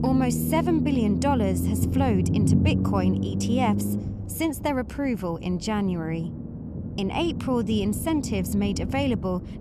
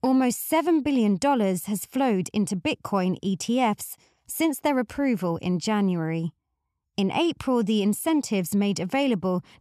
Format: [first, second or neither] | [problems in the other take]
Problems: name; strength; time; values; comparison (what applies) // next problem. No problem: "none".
second | low rumble; loud; throughout; 6 dB below the speech